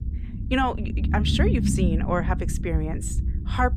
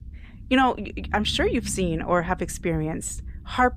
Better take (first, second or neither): second